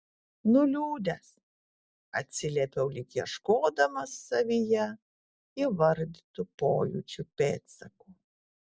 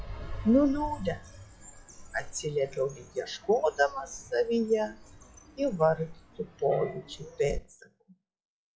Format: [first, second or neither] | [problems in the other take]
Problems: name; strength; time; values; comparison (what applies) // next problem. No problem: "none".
first | noise reduction (classical method log-MMSE)